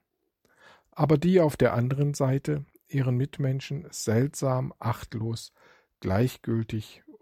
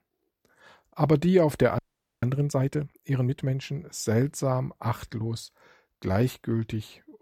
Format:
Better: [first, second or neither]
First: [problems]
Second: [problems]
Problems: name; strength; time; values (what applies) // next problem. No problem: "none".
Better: first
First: none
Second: audio freezing; at 2 s